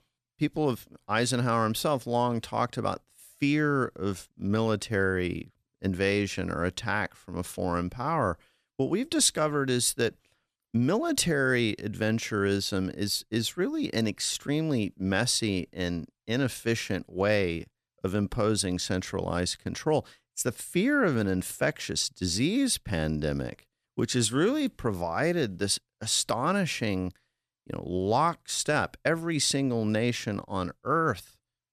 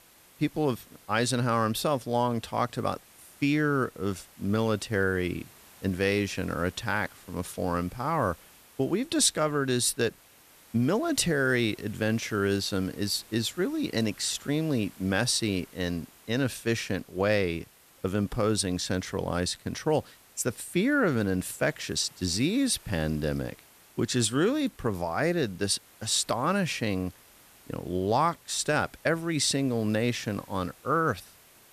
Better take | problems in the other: first | hiss; faint; throughout; 25 dB below the speech

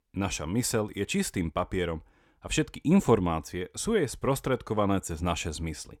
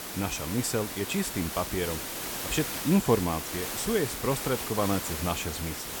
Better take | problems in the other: first | hiss; loud; throughout; 4 dB below the speech

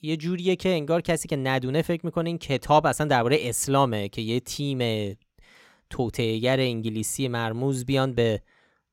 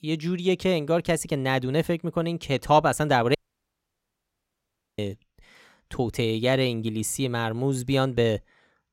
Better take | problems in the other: first | audio cutting out; at 3.5 s for 1.5 s

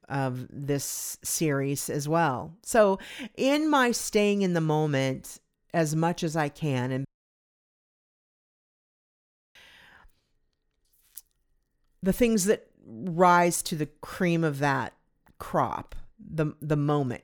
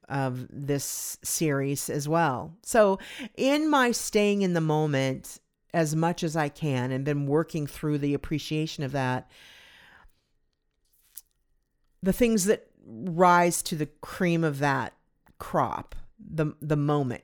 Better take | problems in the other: second | audio cutting out; at 7 s for 2.5 s

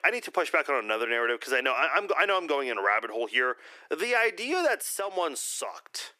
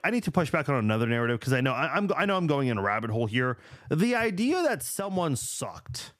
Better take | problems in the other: second | thin; very; fading below 350 Hz

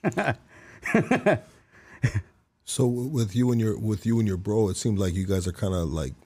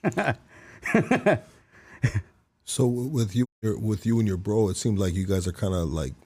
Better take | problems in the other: first | audio cutting out; at 3.5 s

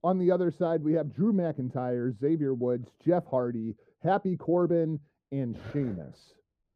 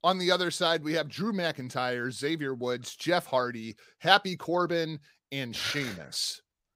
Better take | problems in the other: second | muffled; very; fading above 1.5 kHz

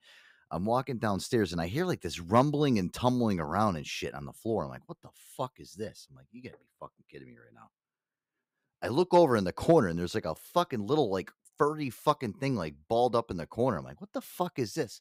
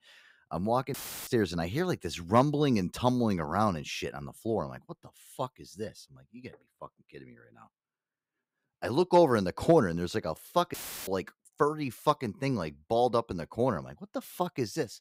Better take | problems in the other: first | audio cutting out; filled with static; at 1 s and at 11 s

